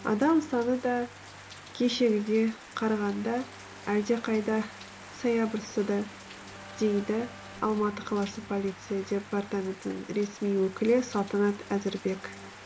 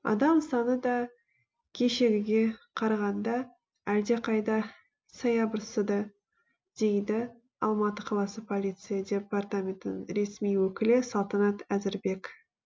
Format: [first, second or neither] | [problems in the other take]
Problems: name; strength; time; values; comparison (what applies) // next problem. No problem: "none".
second | background sound (Rain + Keyboard (musical)); 16 dB below the speech